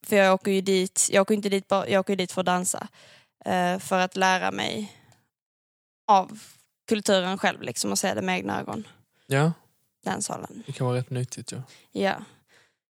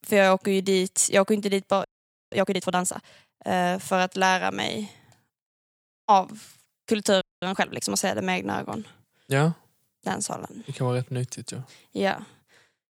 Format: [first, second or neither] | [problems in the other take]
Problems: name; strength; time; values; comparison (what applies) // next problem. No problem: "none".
first | audio freezing; at 2 s and at 7 s